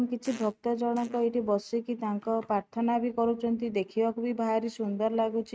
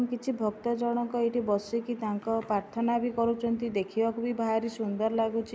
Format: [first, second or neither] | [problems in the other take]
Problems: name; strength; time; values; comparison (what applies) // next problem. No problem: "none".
second | noise reduction (neural mask model RNNoise)